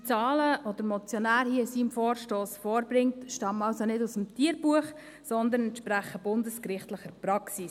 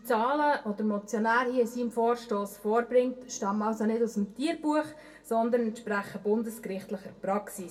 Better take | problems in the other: first | room echo; dies away in 0.2 s

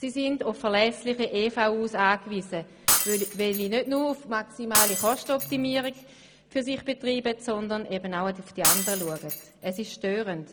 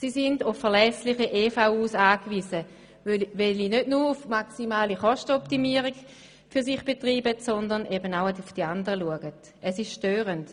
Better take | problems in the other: second | background sound (Shatter); 1 dB below the speech

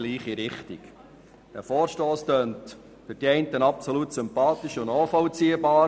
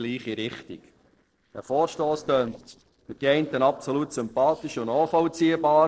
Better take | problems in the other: first | noise reduction (neural separator model SepFormer DNS4)

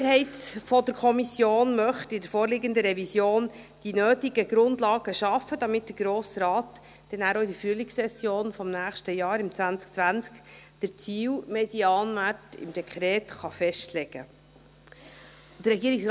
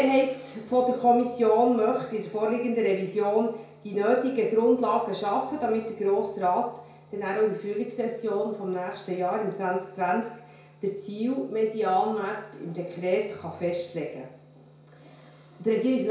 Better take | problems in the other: first | room echo; dies away in 0.6 s

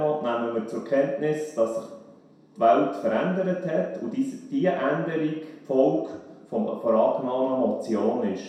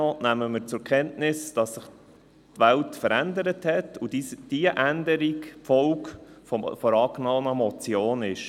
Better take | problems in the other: second | room echo; dies away in 0.7 s

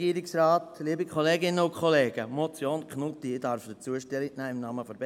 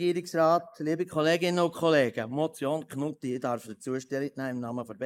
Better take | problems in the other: first | noise reduction (neural mask model Resemble Enhance denoiser)

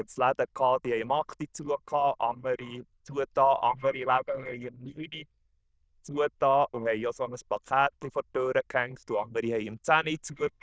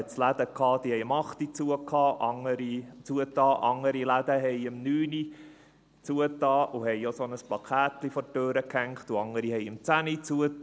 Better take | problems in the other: second | noise reduction (neural diffusion model UNIVERSE++)

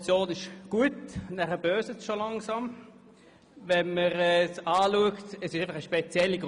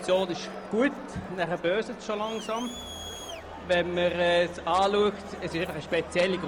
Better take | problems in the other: first | background sound (Crowd); 13 dB below the speech

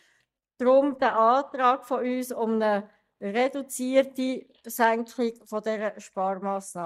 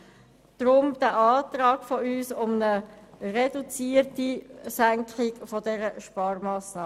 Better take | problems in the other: second | noise reduction (neural mask model DeepFilterNet 3)

